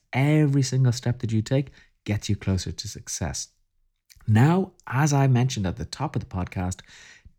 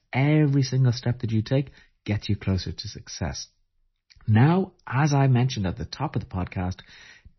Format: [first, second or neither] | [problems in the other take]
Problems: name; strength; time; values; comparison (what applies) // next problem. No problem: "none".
first | garbled, watery; slightly; nothing above 6 kHz